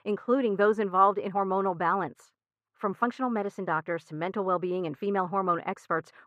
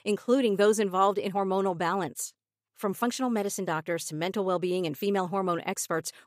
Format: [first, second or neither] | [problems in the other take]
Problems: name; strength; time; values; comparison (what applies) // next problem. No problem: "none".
second | muffled; very; fading above 4 kHz